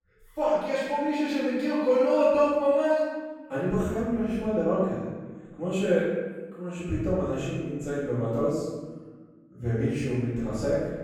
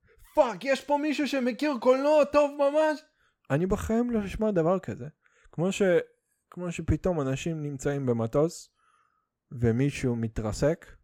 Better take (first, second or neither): second